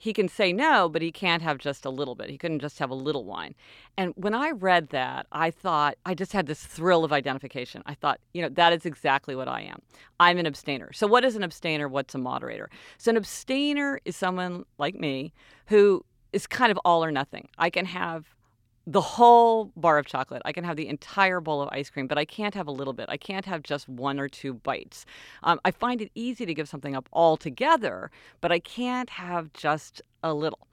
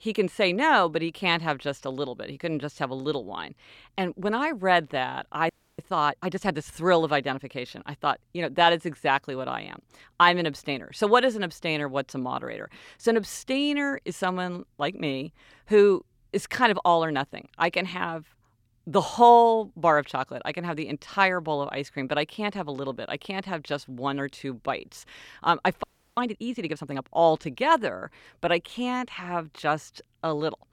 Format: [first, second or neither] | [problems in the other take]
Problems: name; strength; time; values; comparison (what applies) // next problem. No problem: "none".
first | audio freezing; at 5.5 s and at 26 s